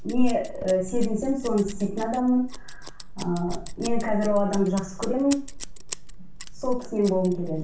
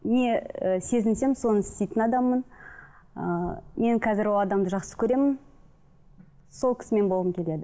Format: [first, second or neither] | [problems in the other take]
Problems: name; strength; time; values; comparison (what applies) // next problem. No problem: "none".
second | background sound (Scissors); 19 dB below the speech // room echo; dies away in 0.4 s